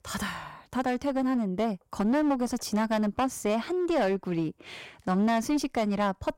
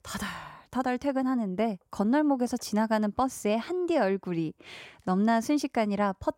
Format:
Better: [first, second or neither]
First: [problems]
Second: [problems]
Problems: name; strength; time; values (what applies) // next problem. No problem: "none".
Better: second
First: distortion; slight; 10% of the sound clipped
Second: none